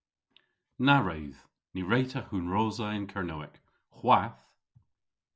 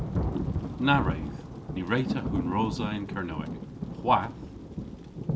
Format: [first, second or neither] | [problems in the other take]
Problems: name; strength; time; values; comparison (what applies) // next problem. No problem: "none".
first | background sound (Thunder / Rain); 2 dB below the speech